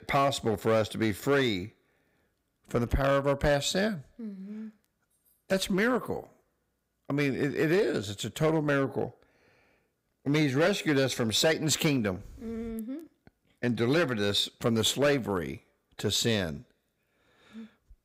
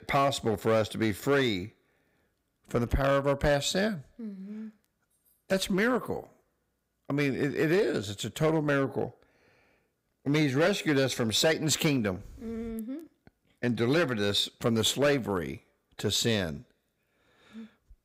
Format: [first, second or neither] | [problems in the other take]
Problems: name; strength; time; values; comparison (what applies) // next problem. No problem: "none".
neither | distortion; slight; 4% of the sound clipped; the same in both